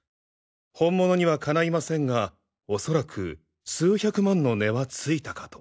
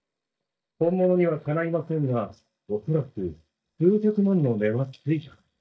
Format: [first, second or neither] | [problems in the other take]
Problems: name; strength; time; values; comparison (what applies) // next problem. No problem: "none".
first | noise reduction (neural mask model DeepFilterNet 3)